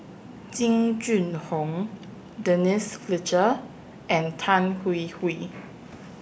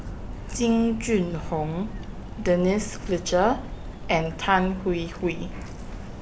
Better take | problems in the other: first | background sound (Walk, footsteps); 9 dB below the speech

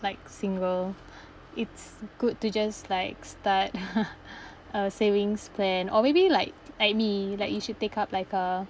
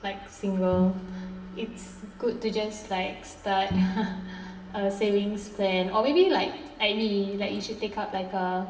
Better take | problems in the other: first | background sound (Bowed string instrument); 7 dB below the speech // room echo; dies away in 1.1 s

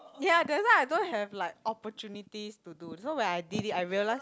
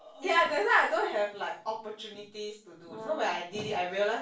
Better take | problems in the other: first | background sound (Brass instrument); 16 dB below the speech // room echo; dies away in 0.3 s

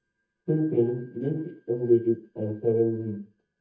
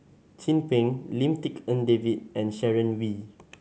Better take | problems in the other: second | noise reduction (neural mask model DeepFilterNet 3)

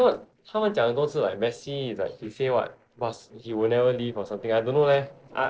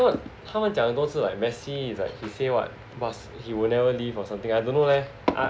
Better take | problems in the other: second | noise reduction (neural separator model SepFormer DNS4)

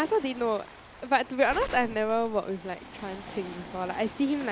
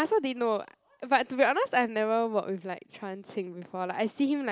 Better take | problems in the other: second | background sound (Waves, surf + Gunshot, gunfire); 14 dB below the speech

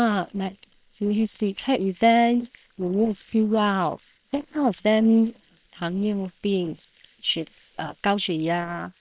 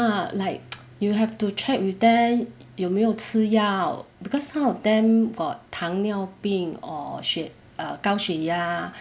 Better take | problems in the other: second | noise reduction (neural separator model SepFormer WHAM!)

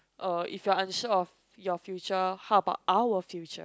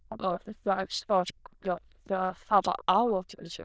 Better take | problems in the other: first | noise reduction (neural diffusion model UNIVERSE++)

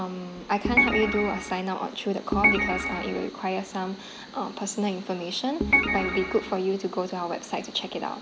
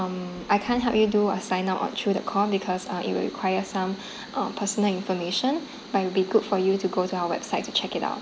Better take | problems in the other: second | background sound (Organ); 3 dB above the speech

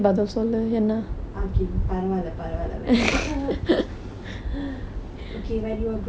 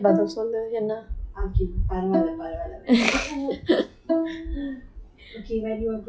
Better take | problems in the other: first | noise reduction (classical method log-MMSE)

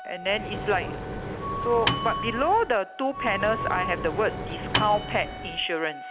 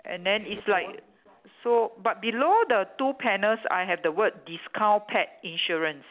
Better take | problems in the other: second | background sound (Microwave oven + Wind instrument, woodwind instrument); 4 dB below the speech

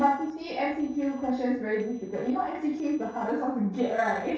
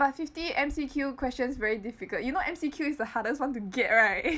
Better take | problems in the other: second | noise reduction (neural separator model SepFormer DNS4)

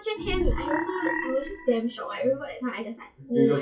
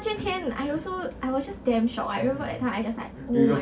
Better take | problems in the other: second | noise reduction (classical method WPE with log-MMSE)

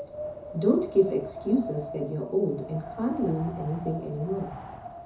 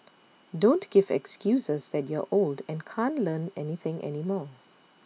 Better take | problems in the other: second | background sound (Wind); 11 dB below the speech // room echo; dies away in 0.6 s

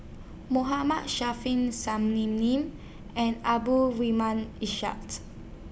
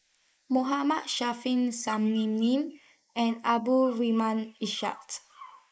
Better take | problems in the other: first | noise reduction (neural mask model Resemble Enhance denoiser)

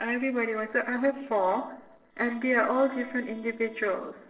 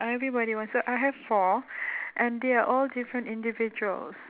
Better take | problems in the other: second | noise reduction (neural separator model SepFormer DNS4)

